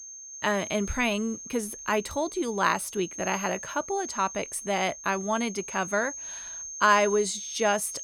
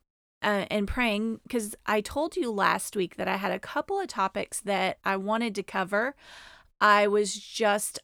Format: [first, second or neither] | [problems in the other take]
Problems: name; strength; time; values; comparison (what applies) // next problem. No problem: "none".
second | high-pitched whine; loud; throughout; 6.5 kHz, 10 dB below the speech